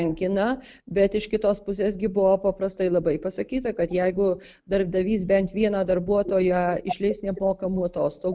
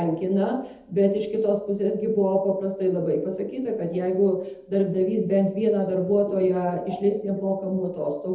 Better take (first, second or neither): first